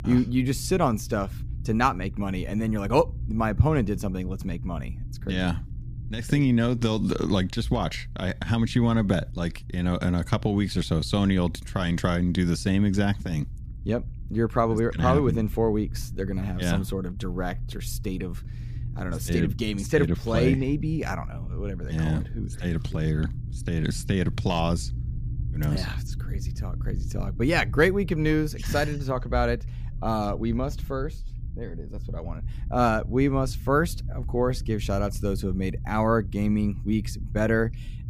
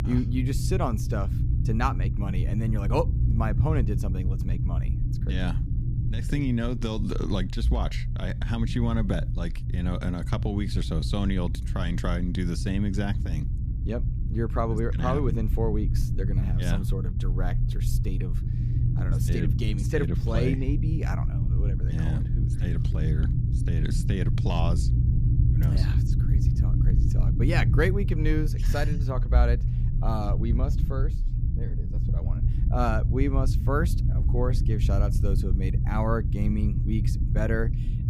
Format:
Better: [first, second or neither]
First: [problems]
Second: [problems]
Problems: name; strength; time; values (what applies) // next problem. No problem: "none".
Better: first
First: low rumble; faint; throughout; 20 dB below the speech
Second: low rumble; loud; throughout; 7 dB below the speech